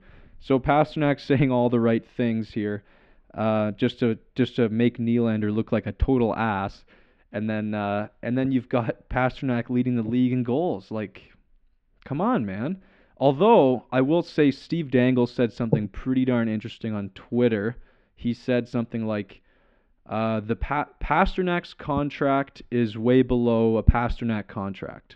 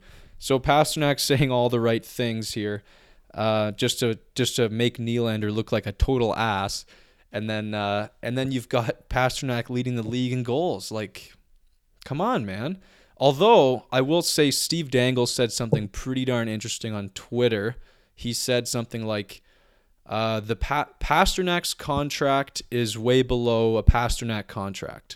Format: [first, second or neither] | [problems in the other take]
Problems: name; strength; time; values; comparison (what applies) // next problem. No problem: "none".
second | muffled; very; fading above 2.5 kHz